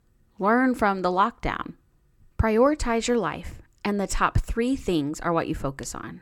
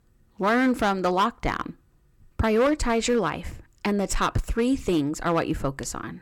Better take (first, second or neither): first